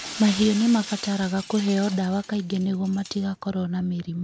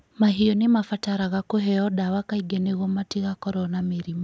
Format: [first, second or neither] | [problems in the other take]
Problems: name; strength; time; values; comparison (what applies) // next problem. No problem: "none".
second | background sound (Shatter); 15 dB below the speech